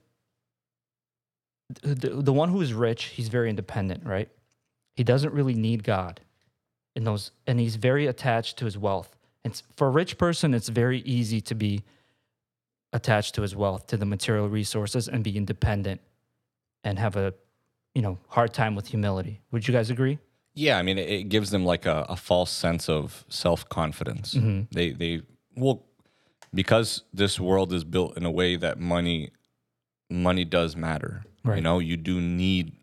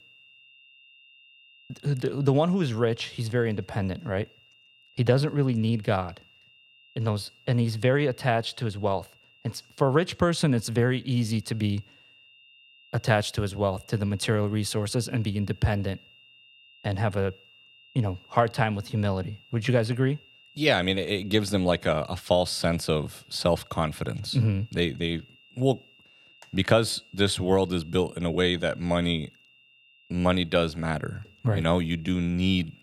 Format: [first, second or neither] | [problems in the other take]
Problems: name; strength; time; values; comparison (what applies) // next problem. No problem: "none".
first | high-pitched whine; faint; throughout; 3 kHz, 25 dB below the speech